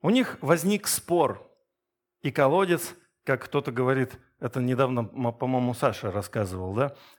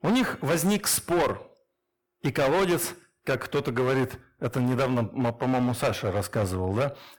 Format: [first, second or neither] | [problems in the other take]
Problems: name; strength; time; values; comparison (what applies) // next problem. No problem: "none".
first | distortion; heavy; 13% of the sound clipped